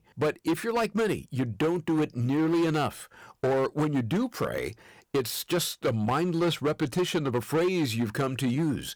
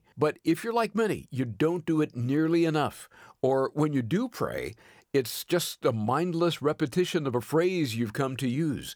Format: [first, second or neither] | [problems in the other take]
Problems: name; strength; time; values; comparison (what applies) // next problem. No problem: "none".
second | distortion; slight; 12% of the sound clipped